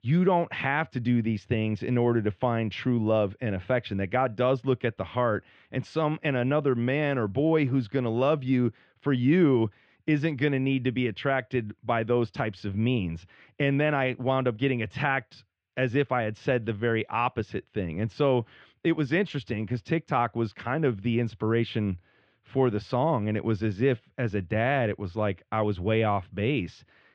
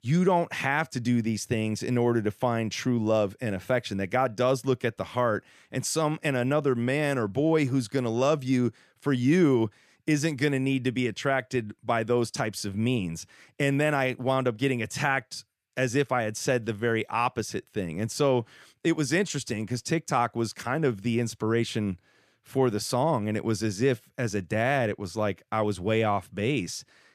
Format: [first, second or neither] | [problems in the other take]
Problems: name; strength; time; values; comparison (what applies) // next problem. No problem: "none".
second | muffled; very; fading above 3 kHz